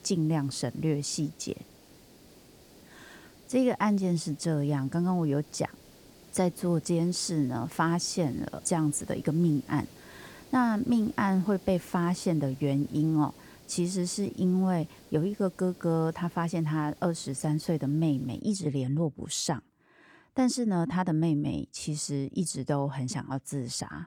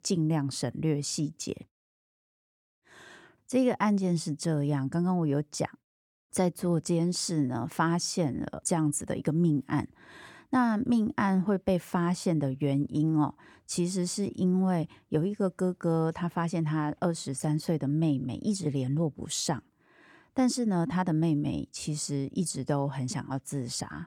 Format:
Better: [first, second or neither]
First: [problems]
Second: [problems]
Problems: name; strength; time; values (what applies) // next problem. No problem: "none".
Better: second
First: hiss; faint; until 18 s; 25 dB below the speech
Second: none